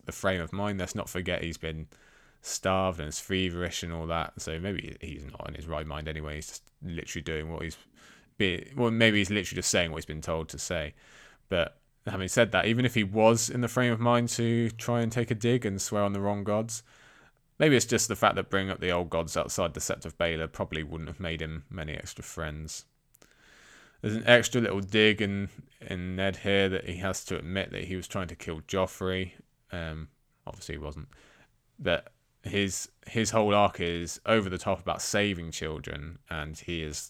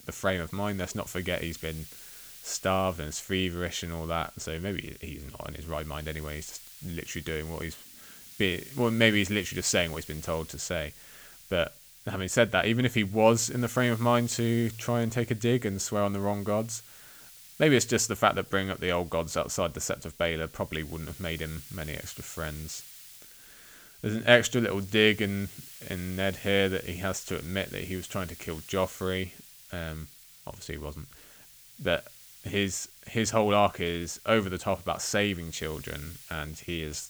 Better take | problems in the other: first | hiss; noticeable; throughout; 20 dB below the speech

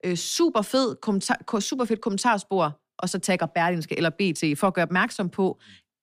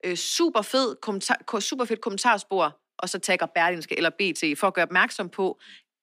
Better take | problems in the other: first | thin; very slightly; fading below 250 Hz

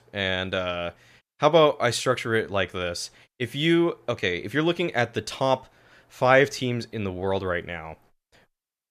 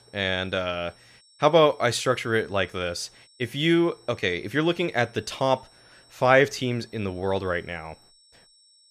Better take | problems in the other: first | high-pitched whine; faint; throughout; 5.5 kHz, 30 dB below the speech

